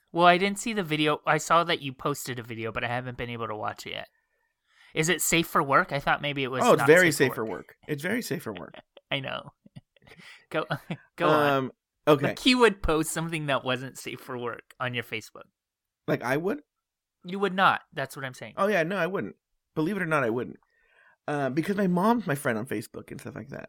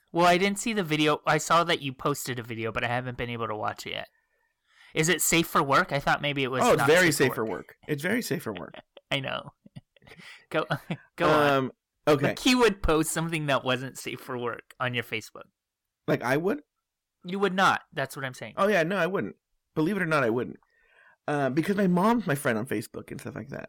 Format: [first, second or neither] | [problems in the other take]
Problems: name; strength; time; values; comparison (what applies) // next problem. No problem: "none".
first | distortion; slight; 2% of the sound clipped